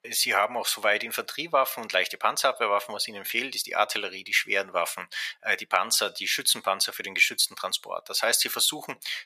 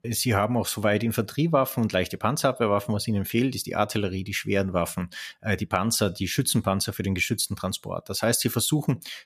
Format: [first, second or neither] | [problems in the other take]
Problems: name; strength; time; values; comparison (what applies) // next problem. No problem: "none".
second | thin; very; fading below 750 Hz